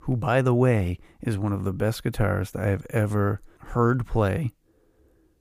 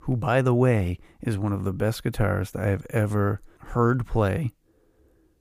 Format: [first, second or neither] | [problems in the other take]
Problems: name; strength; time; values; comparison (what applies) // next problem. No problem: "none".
neither | none